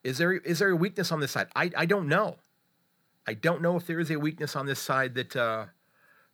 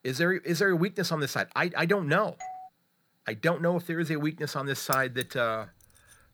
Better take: first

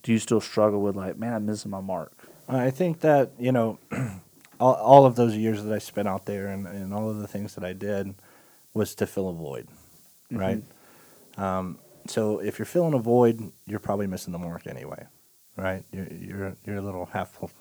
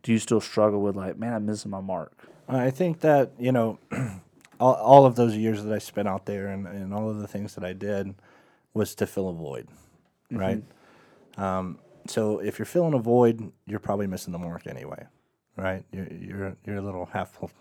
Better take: second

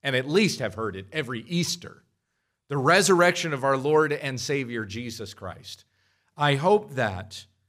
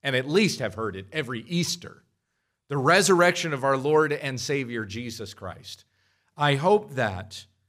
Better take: neither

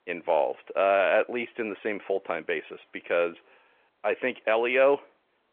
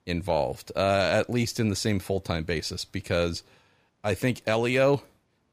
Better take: second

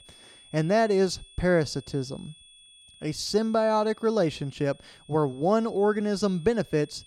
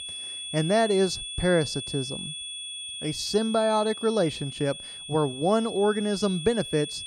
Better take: first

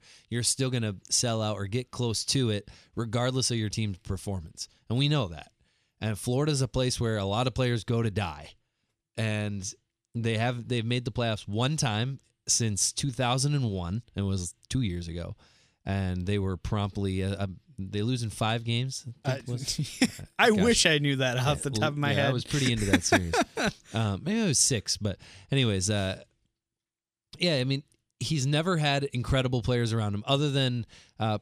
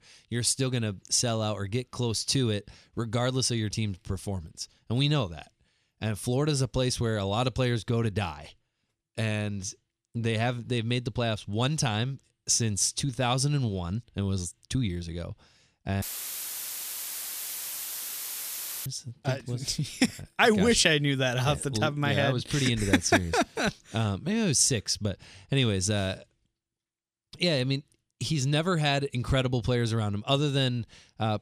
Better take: first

